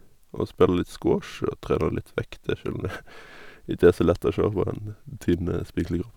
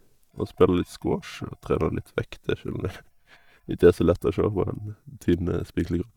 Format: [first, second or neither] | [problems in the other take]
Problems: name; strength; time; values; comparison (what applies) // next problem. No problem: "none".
first | noise reduction (neural mask model DeepFilterNet 3)